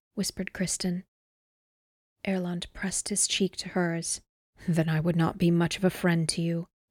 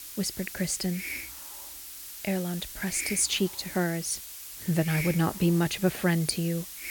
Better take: first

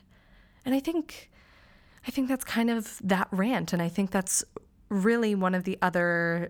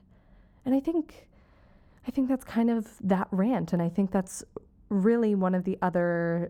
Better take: first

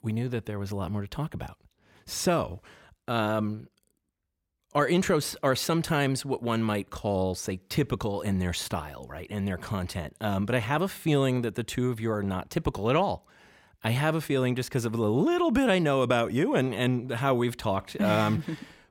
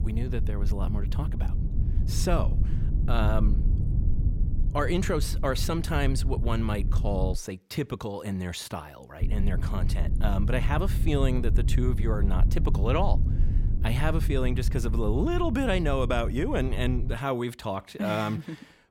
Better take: first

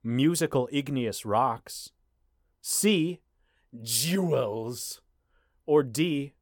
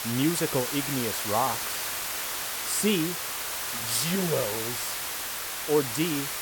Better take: first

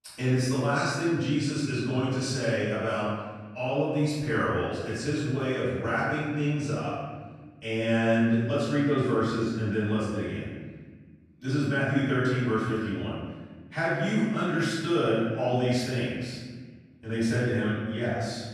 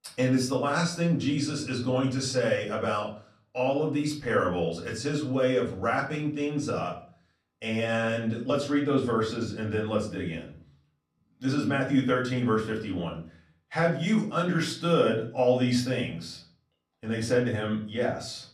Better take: second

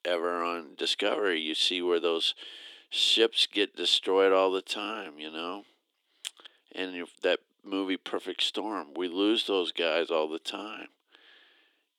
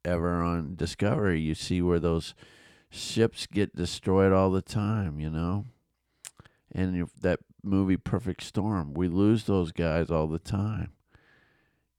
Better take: second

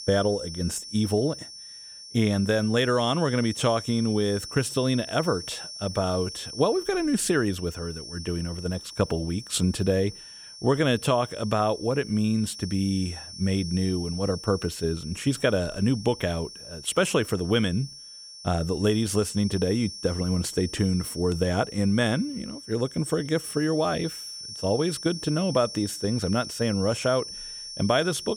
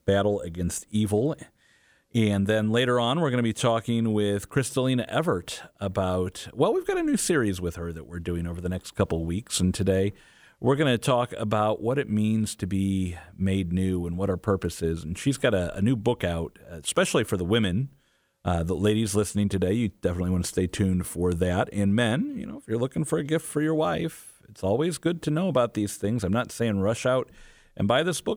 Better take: second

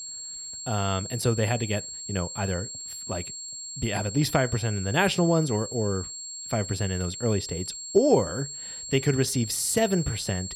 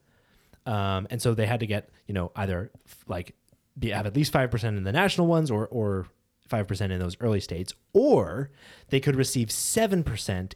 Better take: second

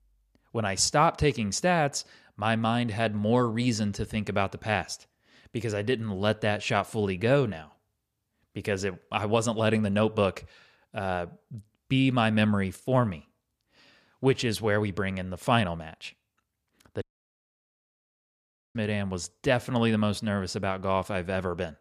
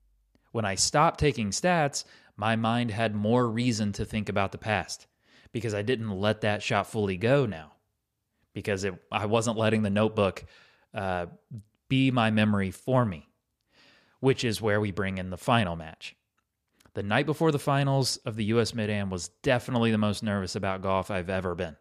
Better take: second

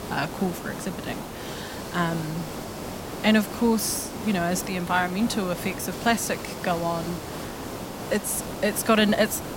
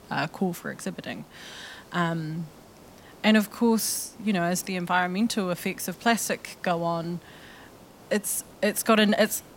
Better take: second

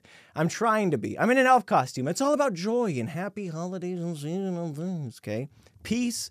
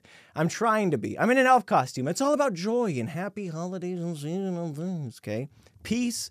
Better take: neither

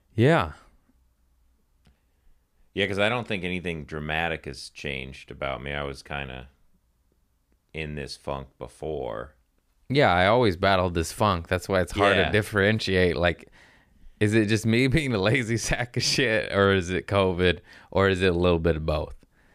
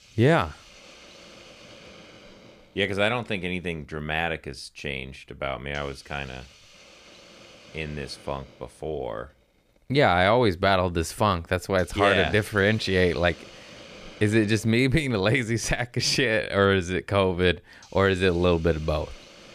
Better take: first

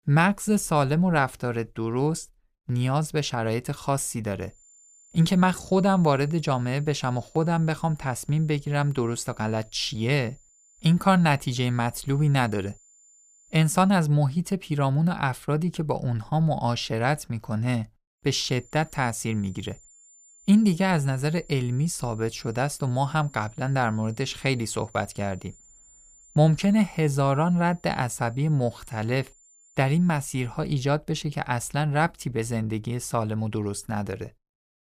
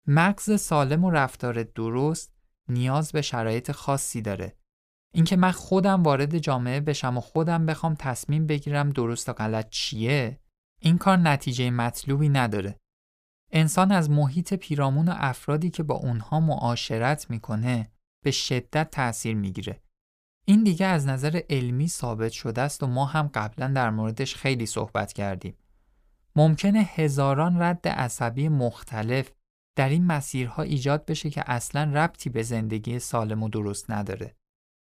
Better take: second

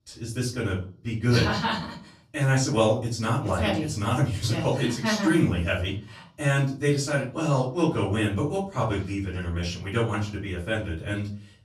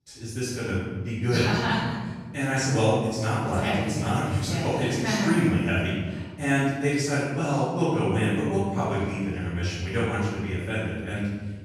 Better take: first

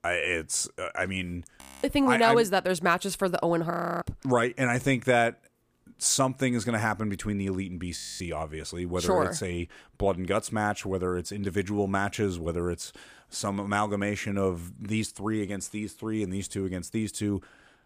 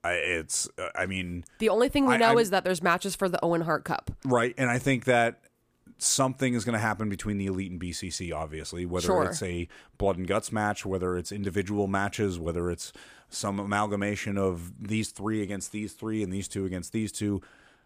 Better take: second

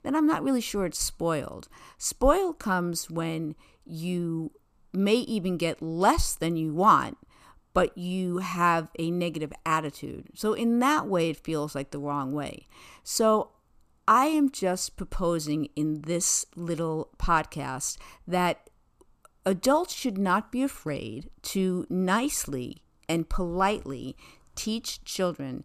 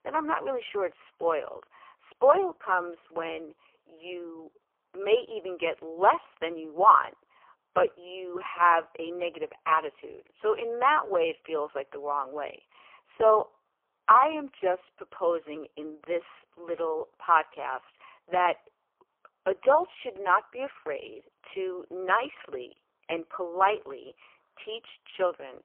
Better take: first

